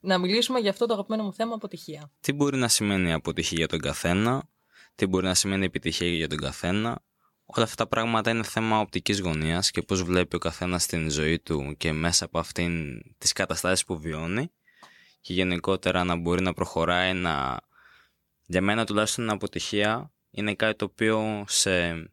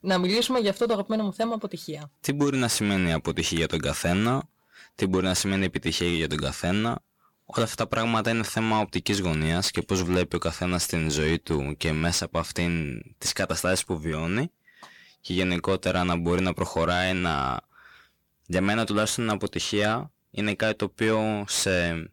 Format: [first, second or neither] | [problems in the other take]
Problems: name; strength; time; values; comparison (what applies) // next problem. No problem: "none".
first | distortion; slight; 10 dB below the speech